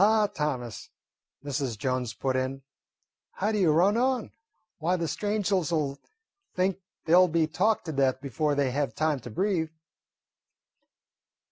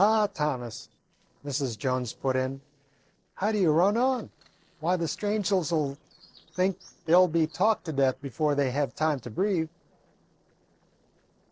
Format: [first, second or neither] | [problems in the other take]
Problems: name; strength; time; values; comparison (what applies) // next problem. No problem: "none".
first | noise reduction (neural separator model SepFormer DNS4)